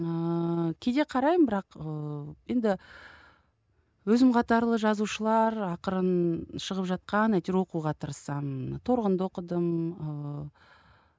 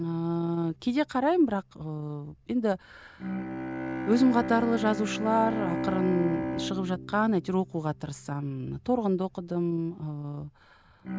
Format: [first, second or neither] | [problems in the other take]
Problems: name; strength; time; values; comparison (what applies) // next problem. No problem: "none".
first | background sound (Bowed string instrument); 8 dB below the speech